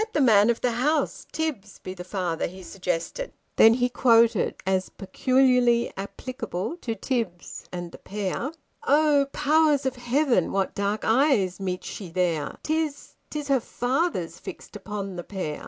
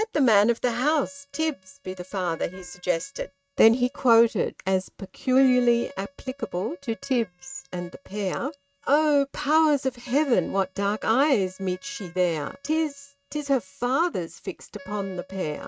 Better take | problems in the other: first | noise reduction (neural mask model RNNoise)

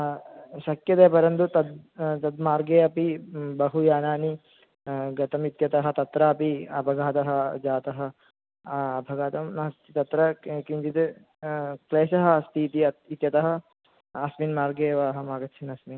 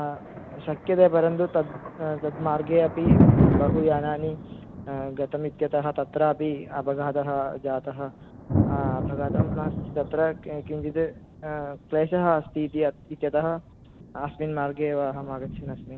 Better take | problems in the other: first | background sound (Thunder); 2 dB below the speech

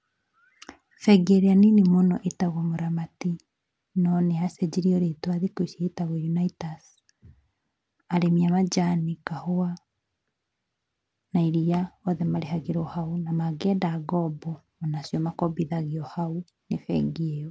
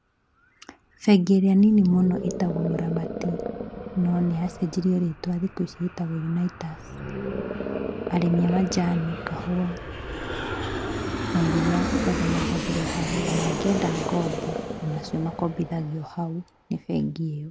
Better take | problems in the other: first | background sound (Animal + Aircraft); 6 dB below the speech

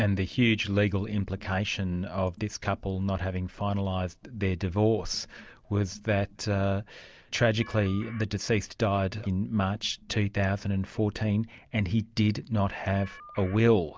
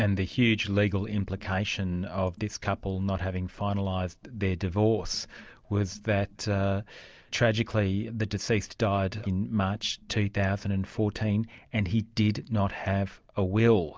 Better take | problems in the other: second | background sound (Telephone); 18 dB below the speech

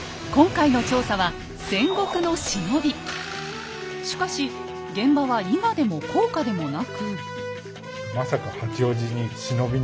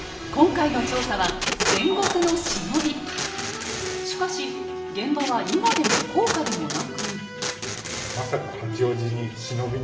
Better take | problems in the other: first | background sound (Packing tape, duct tape); 4 dB below the speech // room echo; dies away in 1 s

